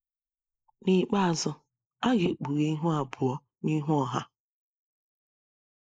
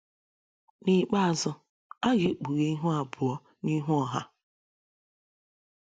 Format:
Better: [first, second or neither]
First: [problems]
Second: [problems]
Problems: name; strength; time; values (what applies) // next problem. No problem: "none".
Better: second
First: noise reduction (neural mask model Resemble Enhance denoiser)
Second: none